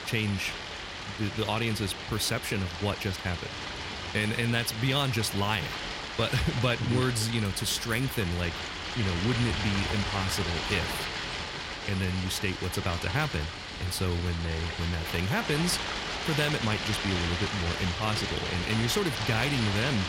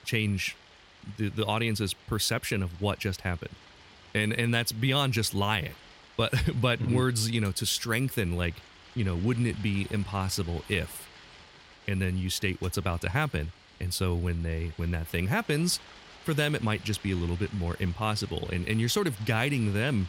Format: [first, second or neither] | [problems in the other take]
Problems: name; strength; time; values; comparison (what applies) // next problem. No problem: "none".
second | rain or running water; loud; throughout; 3 dB below the speech; faint in the second